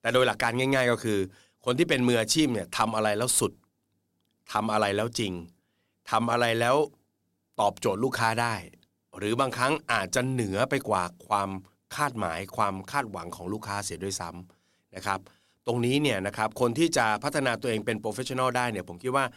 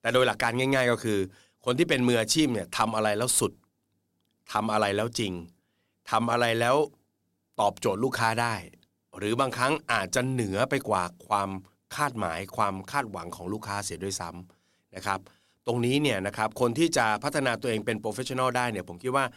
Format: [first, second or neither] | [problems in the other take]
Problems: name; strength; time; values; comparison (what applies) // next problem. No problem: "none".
neither | none